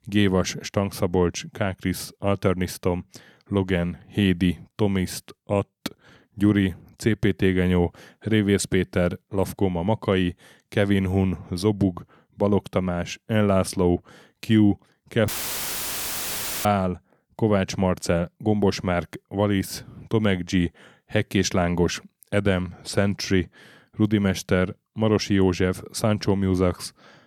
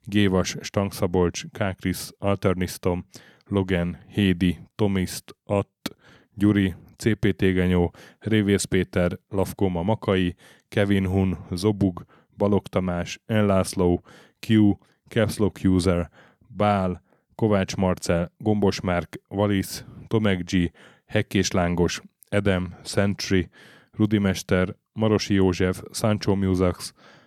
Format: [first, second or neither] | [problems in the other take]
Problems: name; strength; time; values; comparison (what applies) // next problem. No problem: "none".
second | audio cutting out; filled with static; at 15 s for 1.5 s